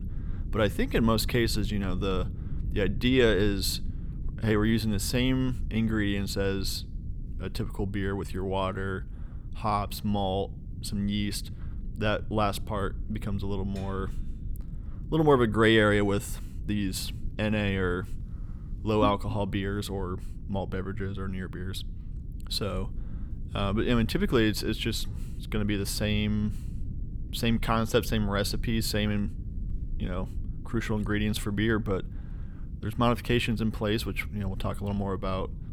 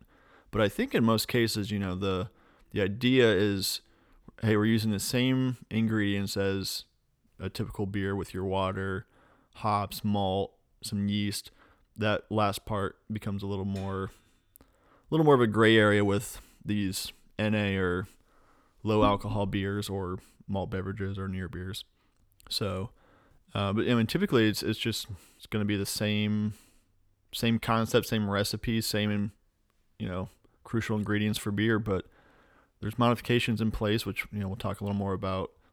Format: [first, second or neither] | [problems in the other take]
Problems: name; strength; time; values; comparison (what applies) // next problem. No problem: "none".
second | low rumble; faint; throughout; 20 dB below the speech